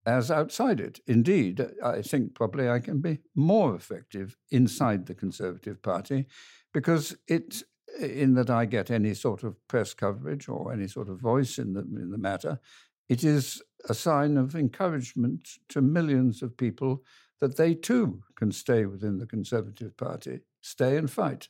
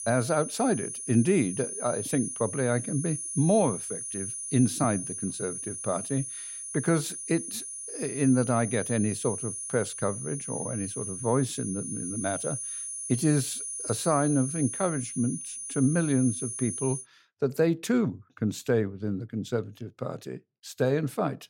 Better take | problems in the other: first | high-pitched whine; loud; until 17 s; 10 kHz, 5 dB below the speech

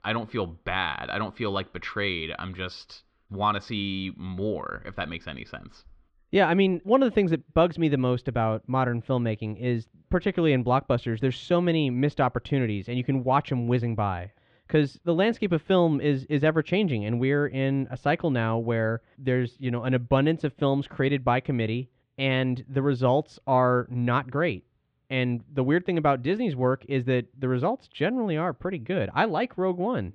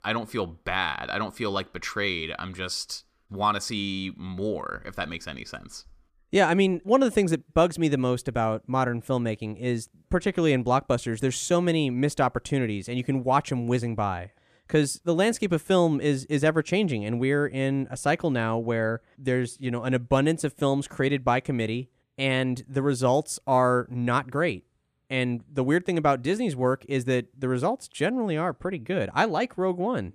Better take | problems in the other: second | muffled; slightly; fading above 3.5 kHz

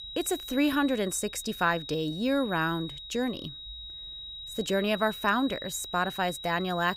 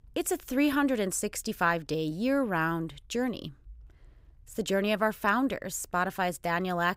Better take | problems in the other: second | high-pitched whine; noticeable; throughout; 4 kHz, 10 dB below the speech

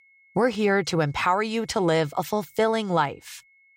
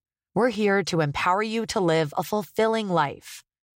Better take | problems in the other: second | high-pitched whine; faint; throughout; 2 kHz, 35 dB below the speech

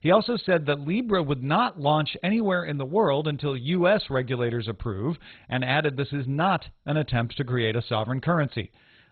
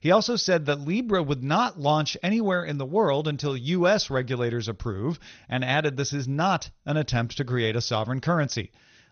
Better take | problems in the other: second | garbled, watery; badly; nothing above 4 kHz; slightly in the second

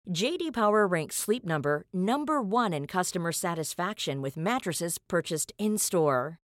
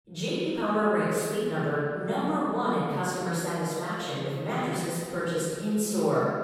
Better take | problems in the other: first | off-mic speech; far // room echo; strong; dies away in 2 s

